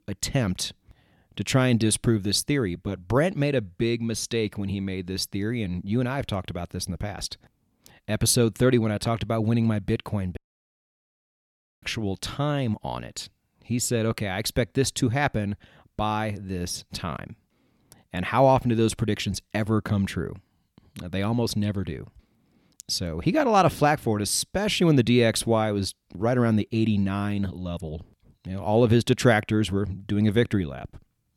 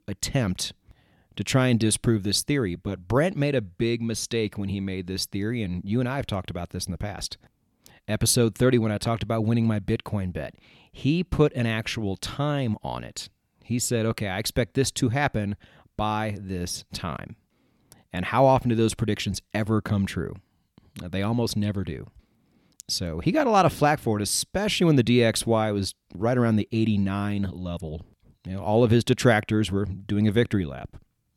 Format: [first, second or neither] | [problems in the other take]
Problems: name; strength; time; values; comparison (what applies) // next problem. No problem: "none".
second | audio cutting out; at 10 s for 1.5 s